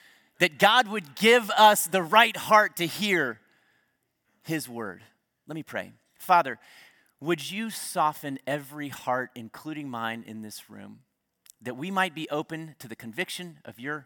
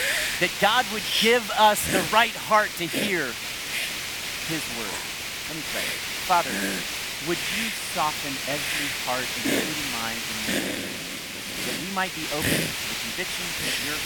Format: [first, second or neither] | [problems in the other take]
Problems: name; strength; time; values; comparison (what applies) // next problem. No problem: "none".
first | hiss; loud; throughout; 1 dB below the speech